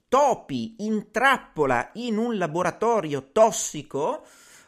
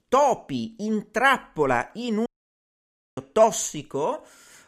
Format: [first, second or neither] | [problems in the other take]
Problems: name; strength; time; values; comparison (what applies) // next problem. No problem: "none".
first | audio cutting out; at 2.5 s for 1 s